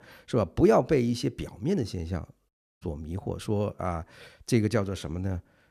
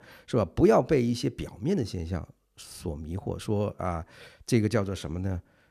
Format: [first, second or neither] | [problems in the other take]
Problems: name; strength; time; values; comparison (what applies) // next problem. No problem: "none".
second | audio cutting out; at 2.5 s